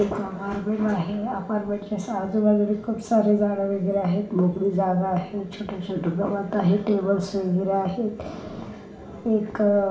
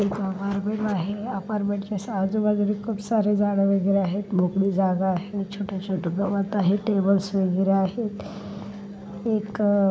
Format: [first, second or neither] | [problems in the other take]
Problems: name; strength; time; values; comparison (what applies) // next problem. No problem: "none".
second | room echo; dies away in 0.5 s